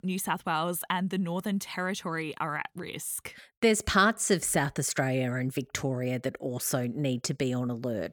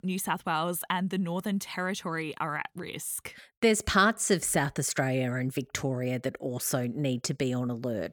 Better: neither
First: none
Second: none

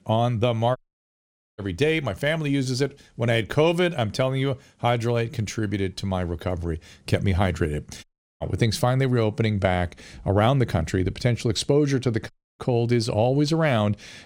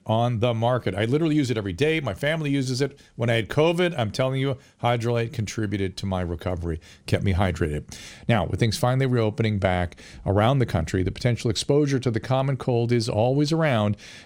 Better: second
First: audio cutting out; at 1 s for 1 s, at 8 s and at 12 s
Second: none

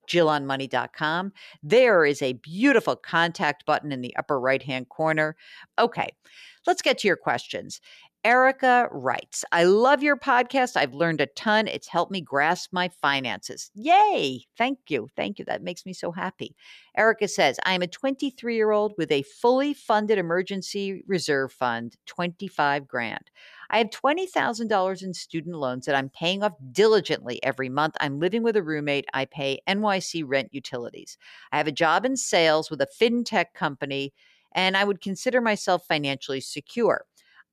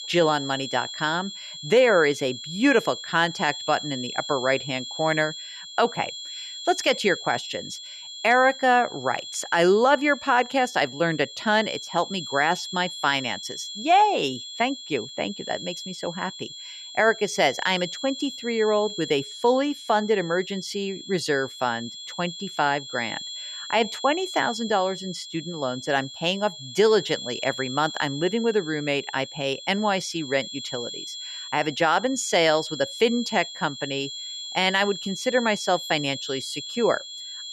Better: first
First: none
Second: high-pitched whine; noticeable; throughout; 3.5 kHz, 10 dB below the speech

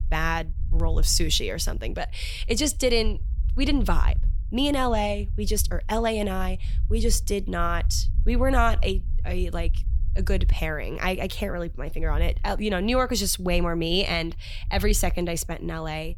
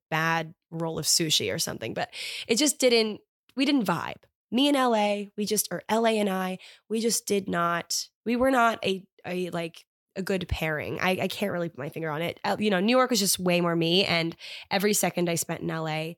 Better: second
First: low rumble; faint; throughout; 25 dB below the speech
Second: none

